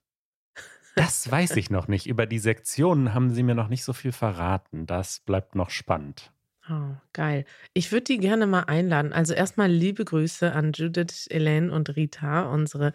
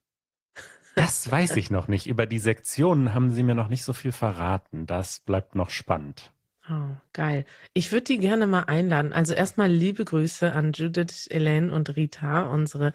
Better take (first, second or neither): first